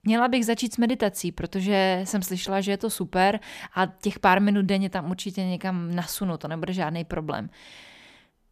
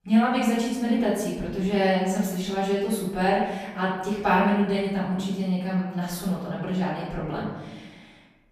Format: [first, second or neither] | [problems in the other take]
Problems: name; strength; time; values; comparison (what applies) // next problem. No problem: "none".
first | off-mic speech; far // room echo; noticeable; dies away in 1.1 s